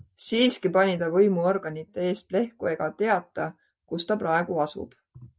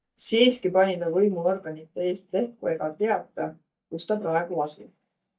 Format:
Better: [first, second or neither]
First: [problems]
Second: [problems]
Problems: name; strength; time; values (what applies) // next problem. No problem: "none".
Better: first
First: none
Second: noise reduction (neural mask model DeepFilterNet 3)